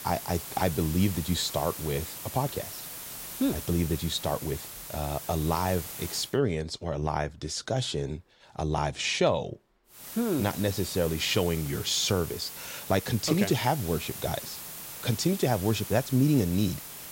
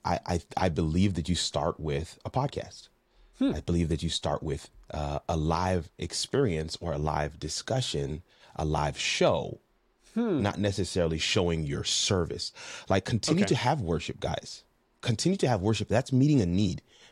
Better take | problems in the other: second | hiss; loud; until 6.5 s and from 10 s on; 9 dB below the speech

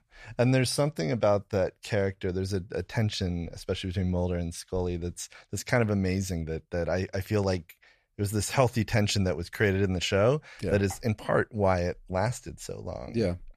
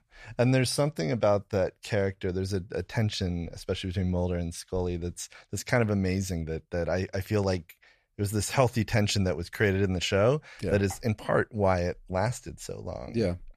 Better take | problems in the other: neither | none

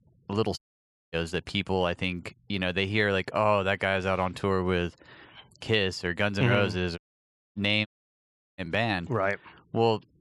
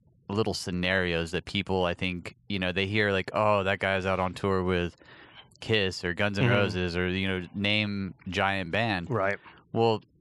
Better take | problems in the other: second | audio cutting out; at 0.5 s for 0.5 s, at 7 s for 0.5 s and at 8 s for 0.5 s

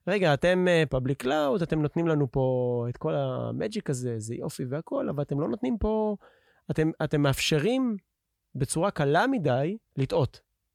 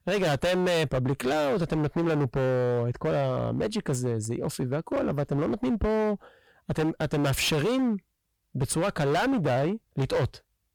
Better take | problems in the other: first | distortion; heavy; 22% of the sound clipped

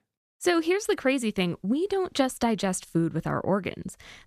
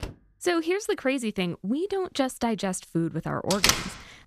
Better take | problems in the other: first | door banging; faint; at the start; peak 15 dB below the speech // door banging; loud; at 3.5 s; peak 6 dB above the speech

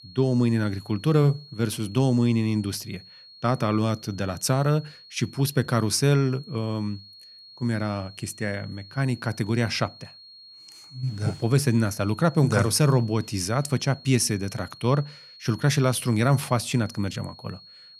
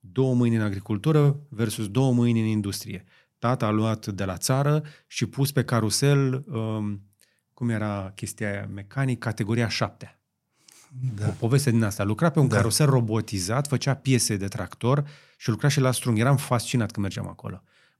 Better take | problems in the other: second | high-pitched whine; faint; throughout; 4.5 kHz, 20 dB below the speech

